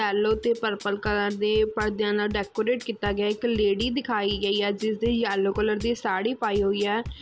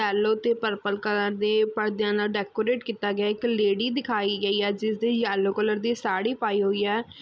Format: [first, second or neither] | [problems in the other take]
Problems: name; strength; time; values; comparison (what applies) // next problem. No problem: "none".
second | background sound (Bass drum / Drum kit); 16 dB below the speech